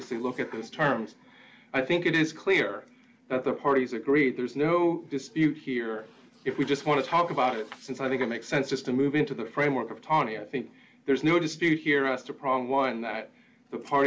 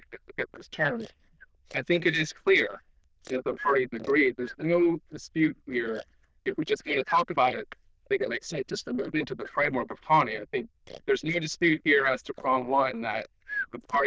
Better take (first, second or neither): first